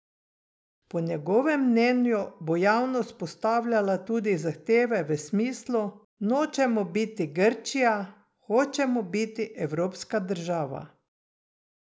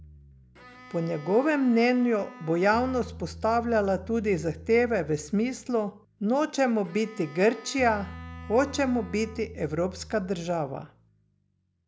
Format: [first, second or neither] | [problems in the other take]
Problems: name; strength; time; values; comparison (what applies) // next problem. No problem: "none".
first | background sound (Bass guitar + Bowed string instrument); 18 dB below the speech